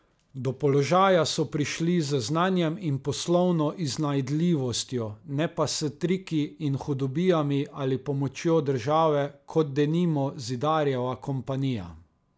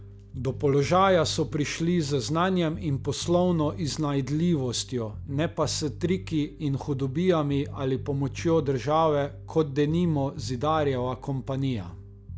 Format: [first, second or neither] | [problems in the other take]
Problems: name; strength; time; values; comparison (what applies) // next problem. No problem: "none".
first | background sound (Bass guitar); 14 dB below the speech